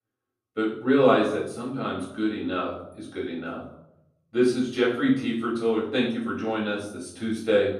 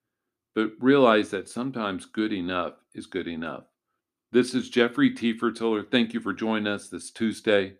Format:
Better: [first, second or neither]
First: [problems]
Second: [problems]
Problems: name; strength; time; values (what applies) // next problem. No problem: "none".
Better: second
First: off-mic speech; far // room echo; noticeable; dies away in 0.7 s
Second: none